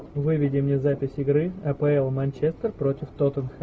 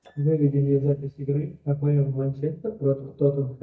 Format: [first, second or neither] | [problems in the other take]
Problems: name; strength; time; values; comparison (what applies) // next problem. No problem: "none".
first | noise reduction (neural mask model DeepFilterNet 3)